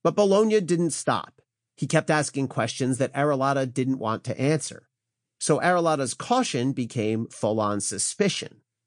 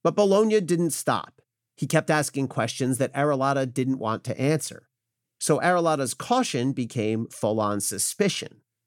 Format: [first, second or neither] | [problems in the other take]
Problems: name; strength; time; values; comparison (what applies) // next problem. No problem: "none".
second | garbled, watery; slightly; nothing above 8.5 kHz